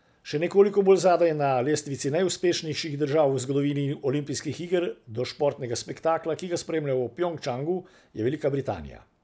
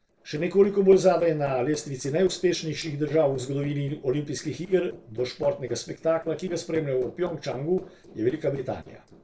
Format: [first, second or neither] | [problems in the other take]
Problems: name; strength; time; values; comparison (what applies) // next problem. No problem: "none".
first | noise reduction (neural separator model SepFormer DNS4)